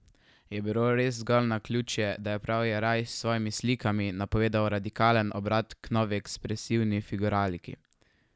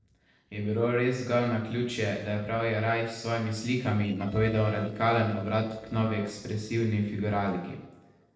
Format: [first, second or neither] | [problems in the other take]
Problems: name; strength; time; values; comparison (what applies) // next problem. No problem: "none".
first | noise reduction (neural separator model SepFormer DNS4)